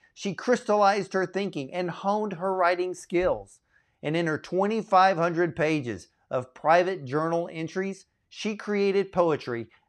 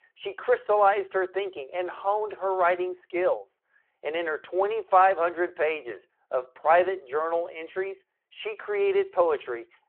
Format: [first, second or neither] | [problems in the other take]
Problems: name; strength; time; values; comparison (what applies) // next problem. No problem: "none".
first | phone-call audio